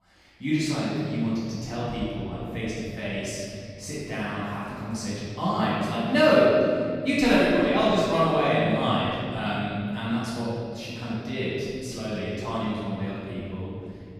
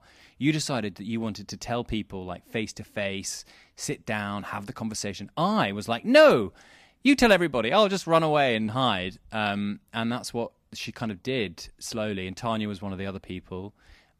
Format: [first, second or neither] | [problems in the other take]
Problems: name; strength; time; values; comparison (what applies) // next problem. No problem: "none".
second | room echo; strong; dies away in 3 s // off-mic speech; far